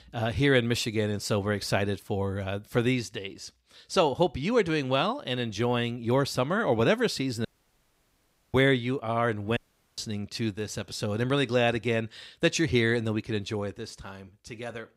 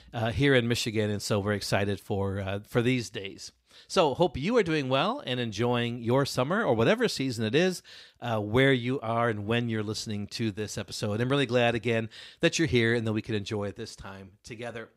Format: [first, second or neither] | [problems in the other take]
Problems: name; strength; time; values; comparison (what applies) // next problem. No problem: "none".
second | audio cutting out; at 7.5 s for 1 s and at 9.5 s